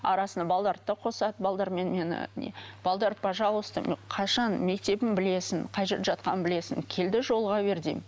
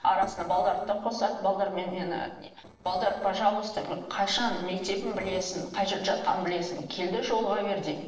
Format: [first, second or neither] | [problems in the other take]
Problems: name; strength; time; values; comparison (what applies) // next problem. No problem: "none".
first | noise reduction (neural separator model SepFormer DNS4)